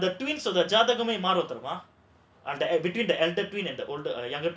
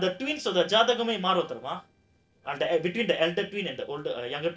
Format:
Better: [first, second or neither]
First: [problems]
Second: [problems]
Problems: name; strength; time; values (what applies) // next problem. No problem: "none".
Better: first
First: none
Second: noise reduction (neural separator model SepFormer DNS4)